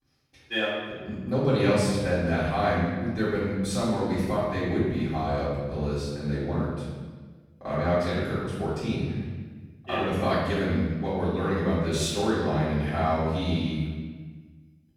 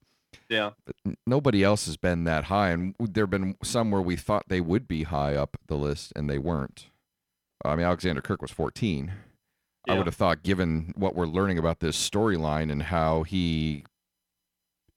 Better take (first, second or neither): second